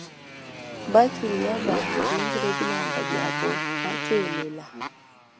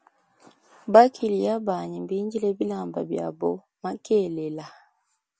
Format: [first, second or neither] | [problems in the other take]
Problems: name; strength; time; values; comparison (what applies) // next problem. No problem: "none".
second | background sound (Motorcycle); 2 dB below the speech